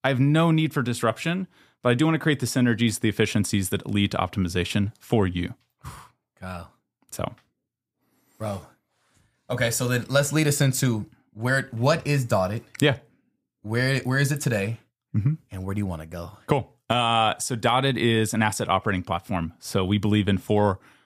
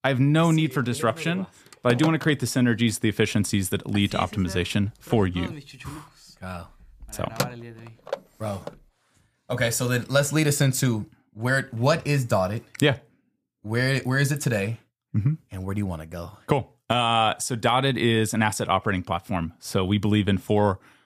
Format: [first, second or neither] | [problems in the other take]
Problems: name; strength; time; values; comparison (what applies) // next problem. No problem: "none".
first | phone ringing; noticeable; from 1 to 8.5 s; peak 5 dB below the speech